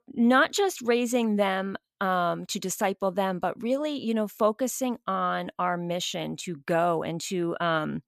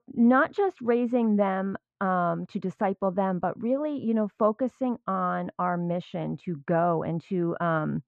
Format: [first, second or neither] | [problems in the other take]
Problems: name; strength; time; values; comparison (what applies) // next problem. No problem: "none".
first | muffled; very; fading above 1.5 kHz